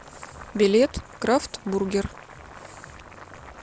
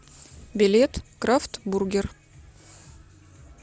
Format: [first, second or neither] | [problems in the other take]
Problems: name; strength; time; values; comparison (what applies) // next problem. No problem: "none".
second | background sound (Boiling); 18 dB below the speech